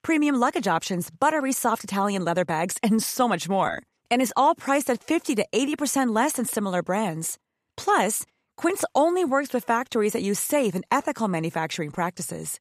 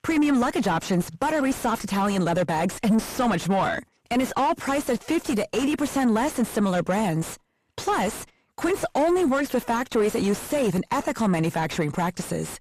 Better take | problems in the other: first | distortion; heavy; 6 dB below the speech

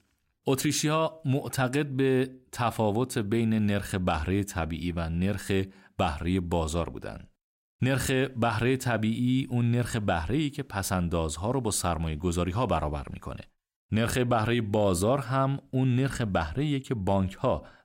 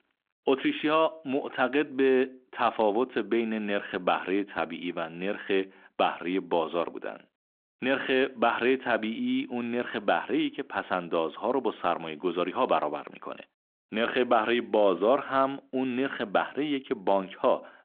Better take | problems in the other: first | phone-call audio; nothing above 3.5 kHz

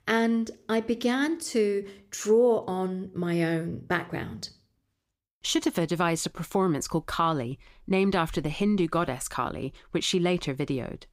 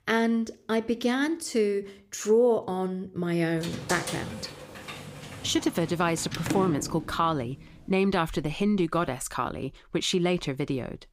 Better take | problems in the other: first | door banging; noticeable; from 3.5 to 7.5 s; peak 3 dB below the speech

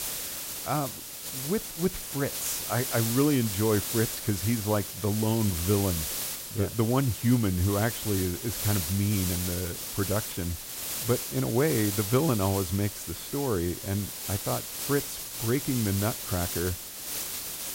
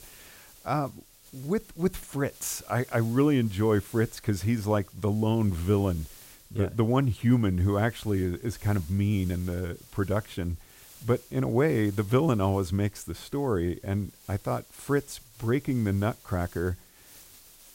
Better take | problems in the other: second | hiss; loud; throughout; 4 dB below the speech; faint in the second

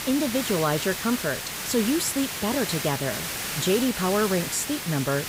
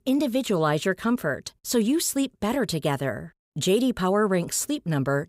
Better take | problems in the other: second | hiss; loud; throughout; 4 dB below the speech

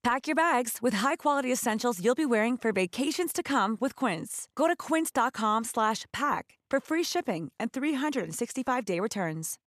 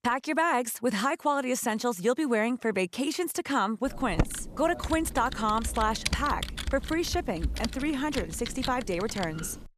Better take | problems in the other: first | keyboard typing; noticeable; from 4 s on; peak 2 dB below the speech

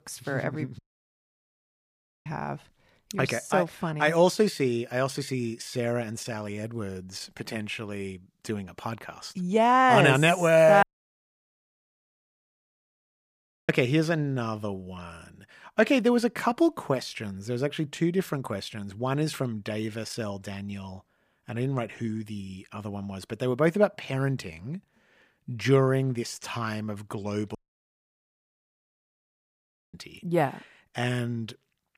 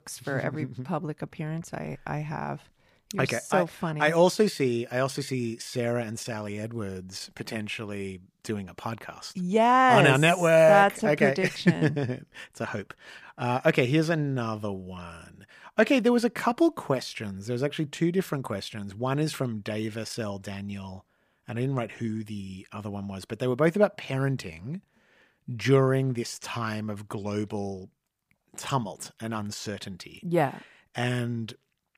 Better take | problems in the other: second | audio cutting out; at 1 s for 1.5 s, at 11 s for 3 s and at 28 s for 2.5 s

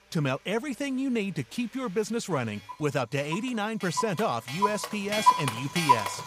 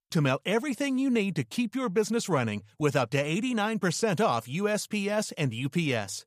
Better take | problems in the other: second | household noises; very loud; throughout; 2 dB above the speech

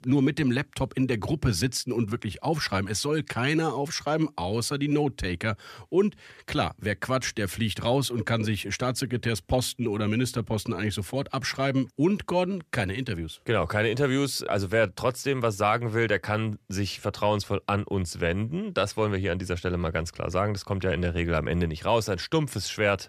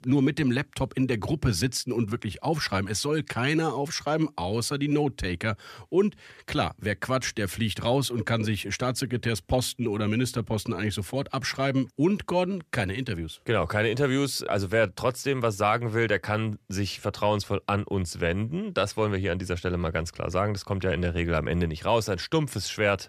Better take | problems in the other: neither | none

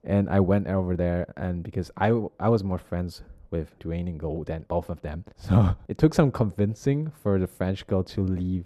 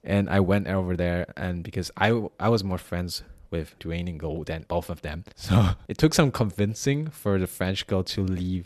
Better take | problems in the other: second | muffled; slightly; fading above 1.5 kHz

